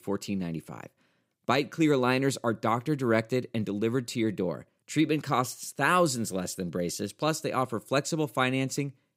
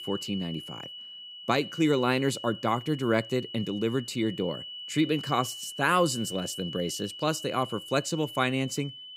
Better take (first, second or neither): first